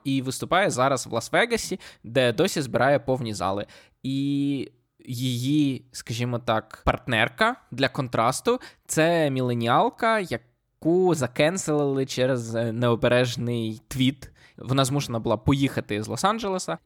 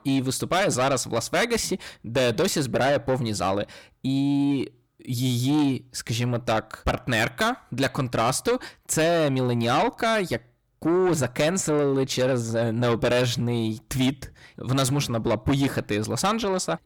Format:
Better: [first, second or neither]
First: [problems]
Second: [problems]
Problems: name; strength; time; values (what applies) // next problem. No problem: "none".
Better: first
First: none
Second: distortion; heavy; 8 dB below the speech